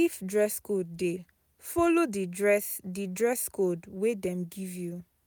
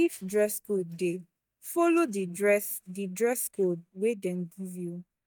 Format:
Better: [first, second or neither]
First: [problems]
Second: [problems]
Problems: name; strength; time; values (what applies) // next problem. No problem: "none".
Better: first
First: none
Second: noise reduction (neural mask model DeepFilterNet 3)